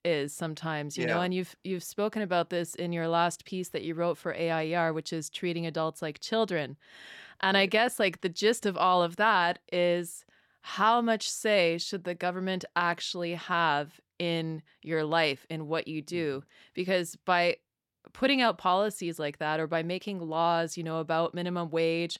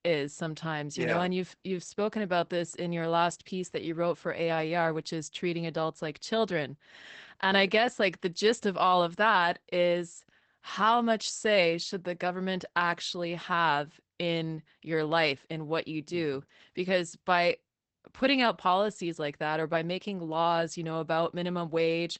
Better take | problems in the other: first | garbled, watery; badly; nothing above 8 kHz

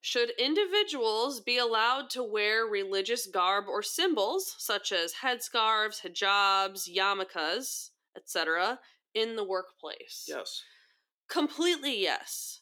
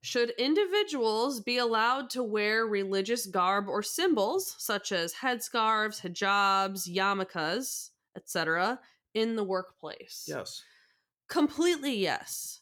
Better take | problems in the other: second | thin; very slightly; fading below 300 Hz

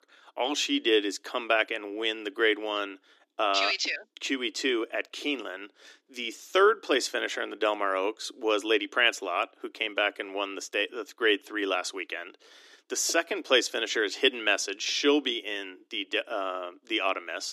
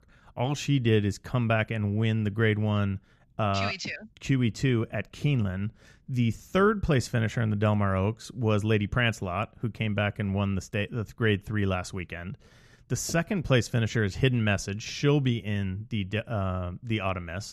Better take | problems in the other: second | thin; very; fading below 300 Hz

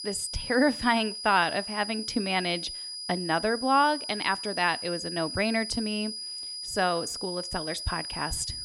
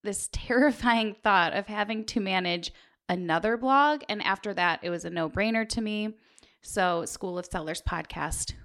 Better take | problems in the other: second | high-pitched whine; loud; throughout; 5 kHz, 6 dB below the speech

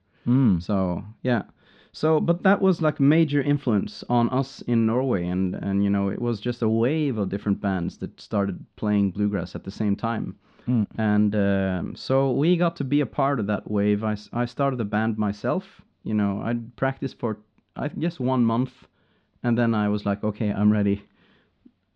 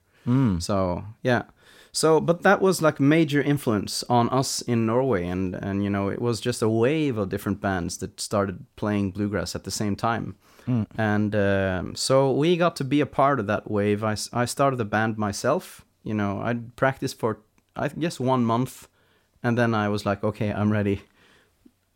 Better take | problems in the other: second | muffled; slightly; fading above 4 kHz

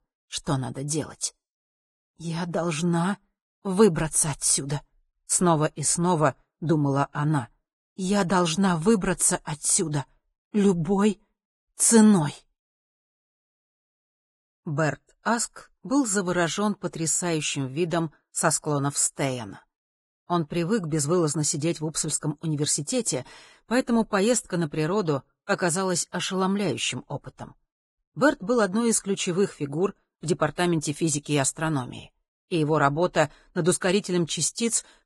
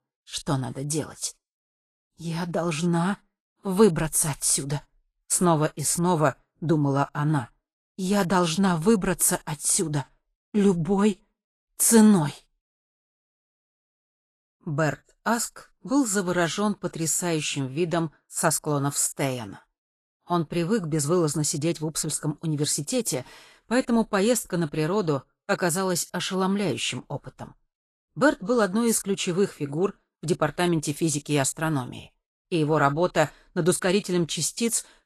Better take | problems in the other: second | garbled, watery; badly; nothing above 10.5 kHz; slightly in the second

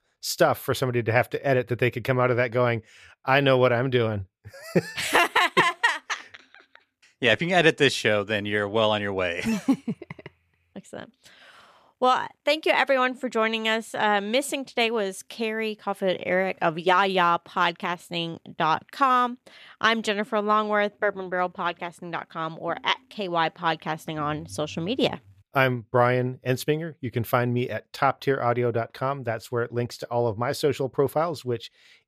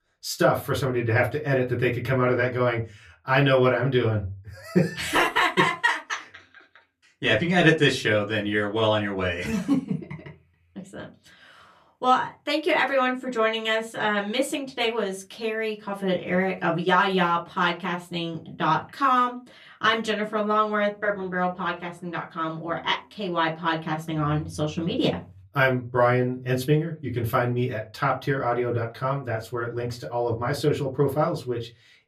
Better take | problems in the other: first | off-mic speech; far // room echo; very slight; dies away in 0.2 s

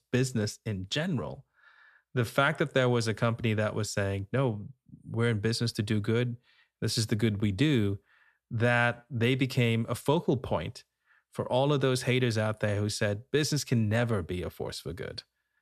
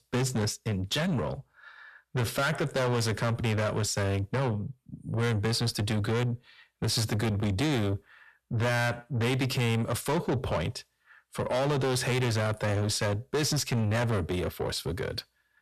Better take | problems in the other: first | distortion; heavy; 6 dB below the speech

